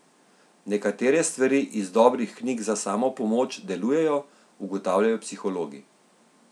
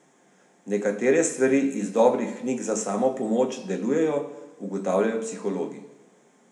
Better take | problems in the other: first | room echo; dies away in 0.8 s

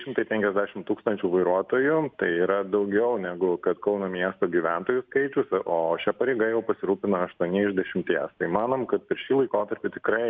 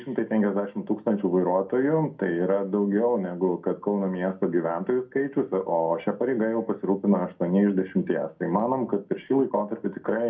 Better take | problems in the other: first | room echo; dies away in 0.2 s

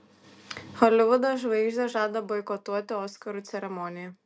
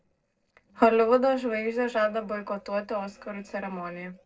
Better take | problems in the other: first | noise reduction (neural separator model SepFormer DNS4)

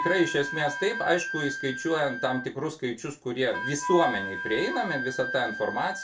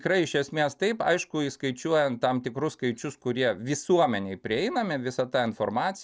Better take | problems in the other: second | background sound (Wind instrument, woodwind instrument); 6 dB below the speech // room echo; dies away in 0.2 s

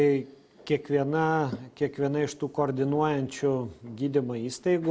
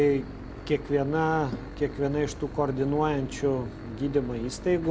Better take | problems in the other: first | background sound (Engine / Boat, Water vehicle); 12 dB below the speech

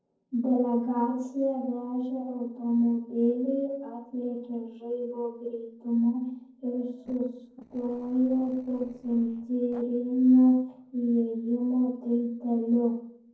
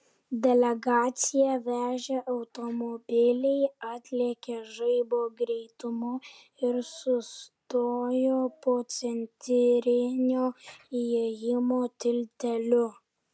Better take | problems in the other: second | noise reduction (neural separator model SepFormer DNS4)

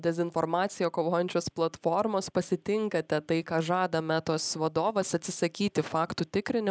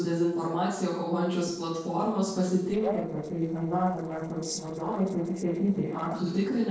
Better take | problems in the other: first | noise reduction (neural separator model SepFormer DNS4)

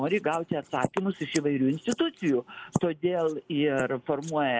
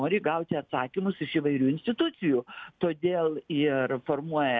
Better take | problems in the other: second | noise reduction (neural mask model Resemble Enhance denoiser)

